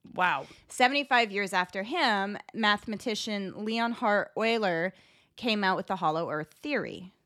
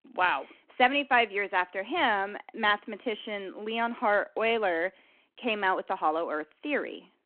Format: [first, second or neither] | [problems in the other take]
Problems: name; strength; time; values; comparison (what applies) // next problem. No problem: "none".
first | phone-call audio